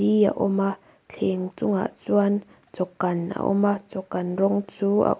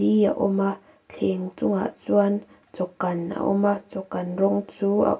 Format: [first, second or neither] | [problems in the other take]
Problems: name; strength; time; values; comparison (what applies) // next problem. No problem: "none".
first | room echo; dies away in 0.2 s